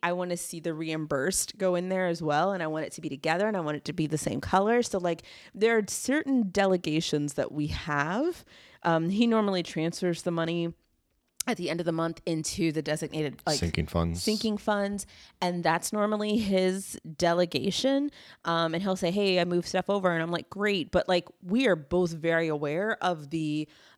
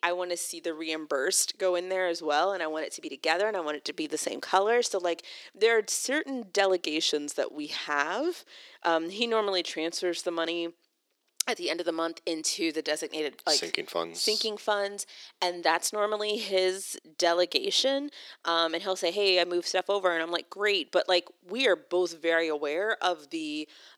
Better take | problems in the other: first | thin; somewhat; fading below 350 Hz

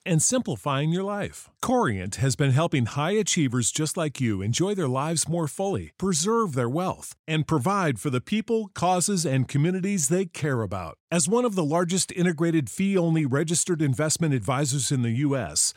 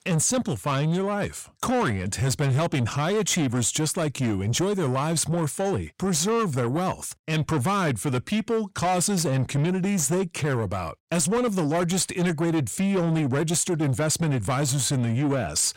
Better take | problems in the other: first | distortion; slight; 10 dB below the speech

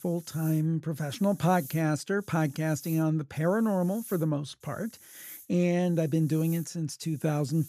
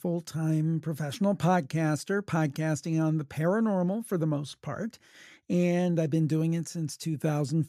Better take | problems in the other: second | hiss; noticeable; throughout; 20 dB below the speech

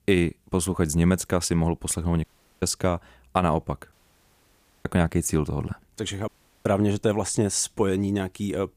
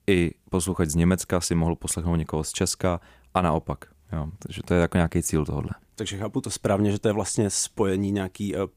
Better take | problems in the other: second | audio cutting out; at 2 s, at 4 s for 1 s and at 6.5 s

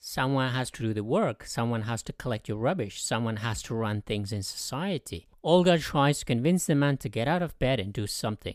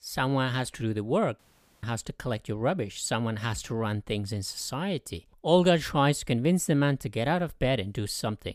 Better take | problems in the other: first | audio cutting out; at 1.5 s

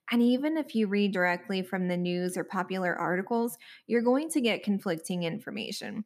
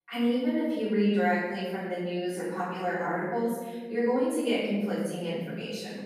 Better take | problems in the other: first | room echo; strong; dies away in 1.2 s // off-mic speech; far

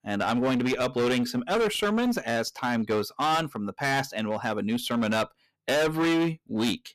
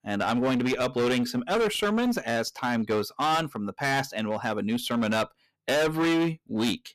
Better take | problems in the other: neither | distortion; heavy; 18% of the sound clipped; the same in both

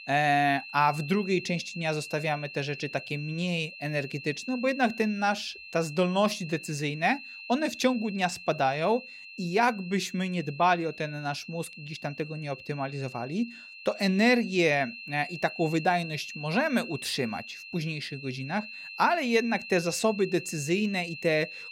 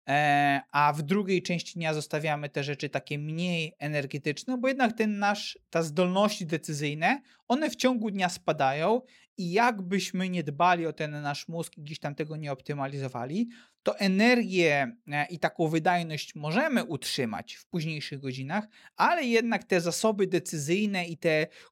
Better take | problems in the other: second | high-pitched whine; noticeable; throughout; 2.5 kHz, 10 dB below the speech

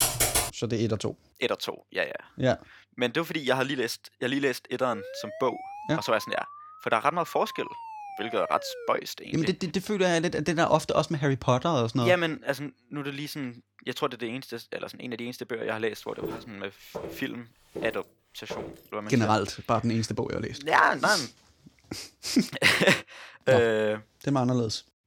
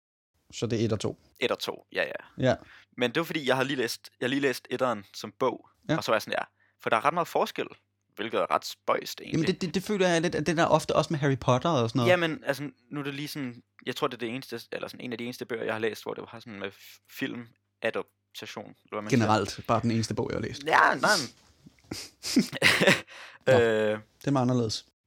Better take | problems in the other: second | keyboard typing; loud; at the start; peak 5 dB above the speech // siren; faint; from 5 to 9 s; peak 10 dB below the speech // footsteps; faint; from 16 to 19 s; peak 10 dB below the speech

